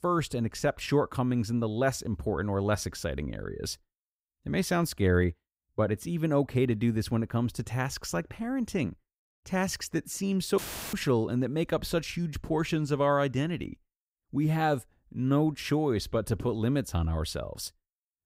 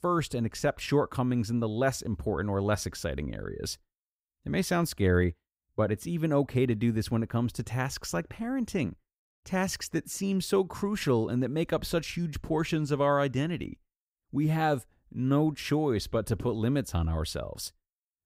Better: second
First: audio cutting out; filled with static; at 11 s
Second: none

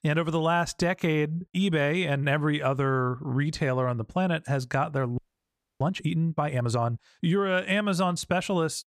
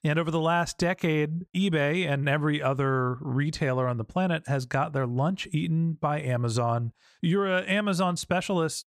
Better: second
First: audio freezing; at 5 s for 0.5 s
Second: none

